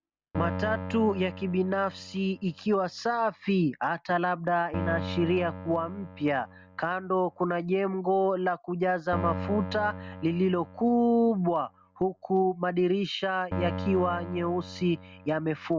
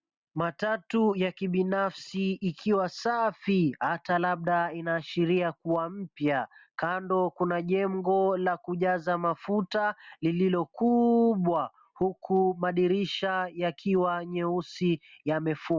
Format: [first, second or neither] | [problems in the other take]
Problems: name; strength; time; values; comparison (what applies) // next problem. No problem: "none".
second | background sound (Keyboard (musical)); 11 dB below the speech